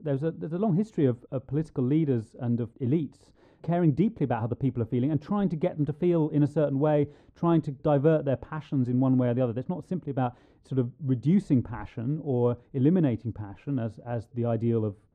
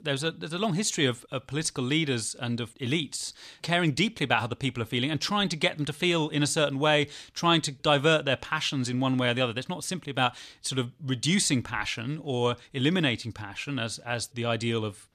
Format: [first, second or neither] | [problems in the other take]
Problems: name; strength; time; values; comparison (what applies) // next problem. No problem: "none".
second | muffled; very; fading above 1.5 kHz